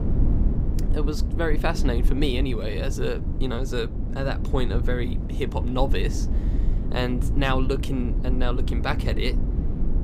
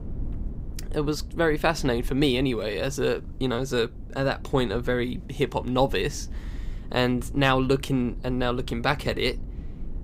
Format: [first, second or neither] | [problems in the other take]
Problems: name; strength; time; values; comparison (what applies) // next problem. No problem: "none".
second | low rumble; loud; throughout; 9 dB below the speech; faint in the second